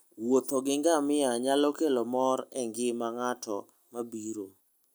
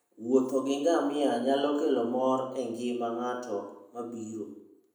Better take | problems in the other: first | room echo; dies away in 0.7 s

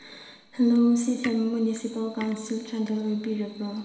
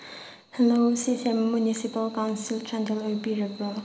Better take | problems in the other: second | background sound (Tick); 19 dB below the speech // room echo; dies away in 0.7 s

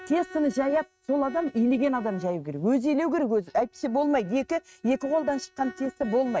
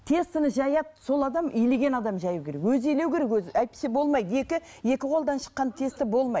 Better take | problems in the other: second | noise reduction (neural mask model RNNoise)

